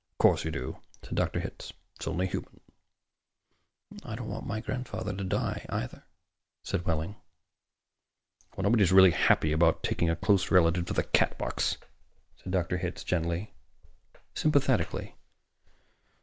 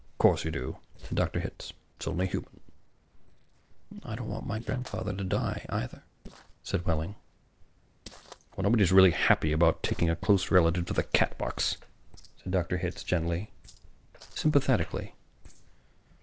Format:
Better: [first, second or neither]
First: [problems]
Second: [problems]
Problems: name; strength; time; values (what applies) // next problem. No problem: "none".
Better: first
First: none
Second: noise reduction (neural separator model SepFormer DNS4)